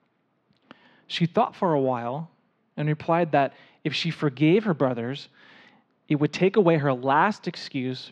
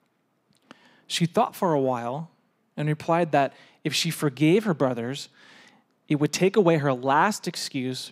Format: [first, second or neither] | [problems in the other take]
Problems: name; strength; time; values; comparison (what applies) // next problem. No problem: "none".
second | muffled; very slightly; fading above 4 kHz